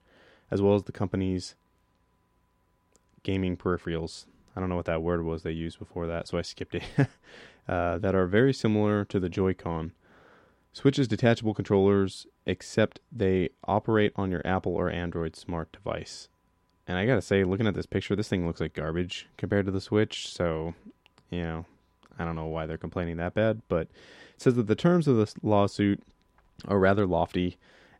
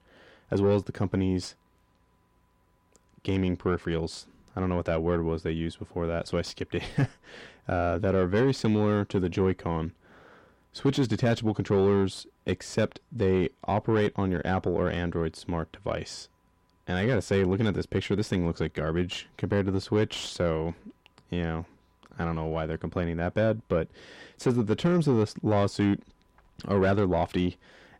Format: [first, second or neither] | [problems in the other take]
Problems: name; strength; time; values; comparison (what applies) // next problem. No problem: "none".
first | distortion; slight; 10 dB below the speech